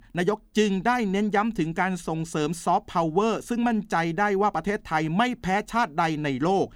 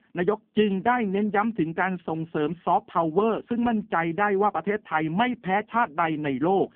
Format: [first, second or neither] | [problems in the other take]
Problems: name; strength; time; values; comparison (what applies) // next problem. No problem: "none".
first | phone-call audio; poor line